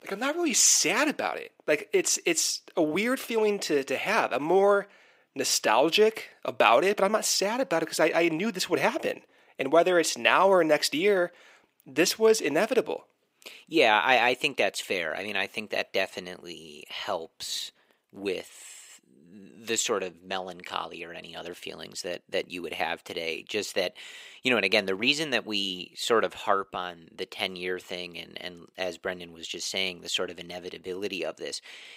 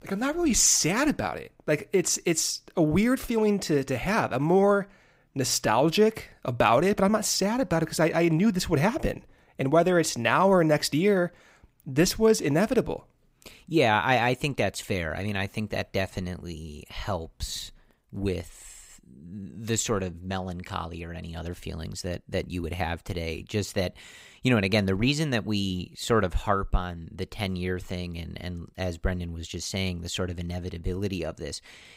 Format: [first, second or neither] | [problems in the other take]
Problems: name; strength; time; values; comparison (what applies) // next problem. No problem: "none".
second | thin; somewhat; fading below 400 Hz